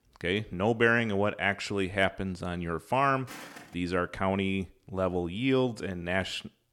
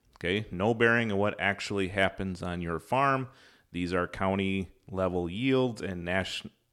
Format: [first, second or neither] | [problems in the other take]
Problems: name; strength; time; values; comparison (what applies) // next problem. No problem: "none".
second | footsteps; faint; at 3.5 s; peak 15 dB below the speech